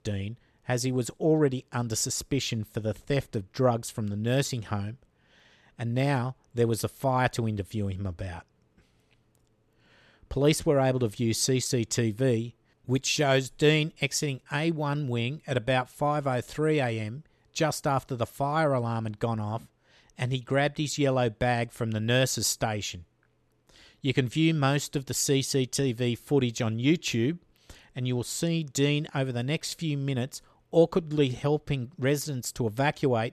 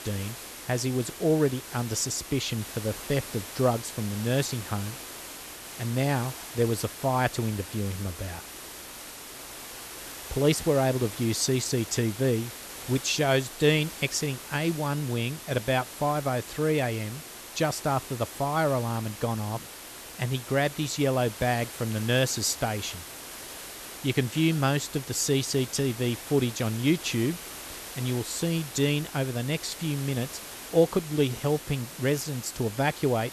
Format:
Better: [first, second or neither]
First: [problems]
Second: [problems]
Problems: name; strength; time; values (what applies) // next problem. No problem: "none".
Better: first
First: none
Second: hiss; noticeable; throughout; 10 dB below the speech